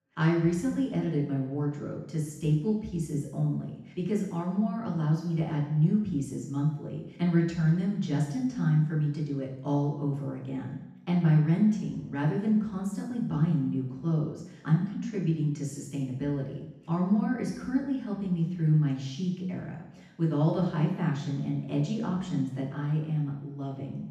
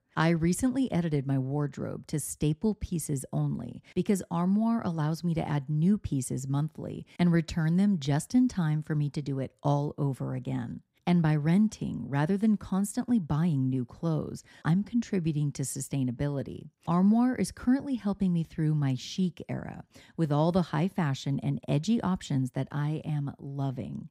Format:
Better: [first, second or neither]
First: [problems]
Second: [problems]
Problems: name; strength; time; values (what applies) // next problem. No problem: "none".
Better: second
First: room echo; noticeable; dies away in 0.9 s // off-mic speech; far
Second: none